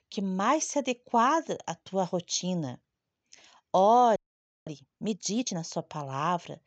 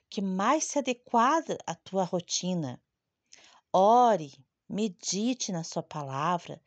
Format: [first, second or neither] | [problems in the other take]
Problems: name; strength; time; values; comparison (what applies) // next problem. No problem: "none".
second | audio freezing; at 4 s for 0.5 s